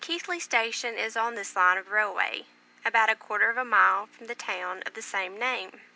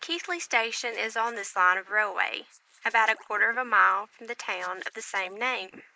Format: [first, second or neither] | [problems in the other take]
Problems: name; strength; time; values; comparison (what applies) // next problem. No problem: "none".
first | noise reduction (neural mask model Resemble Enhance denoiser)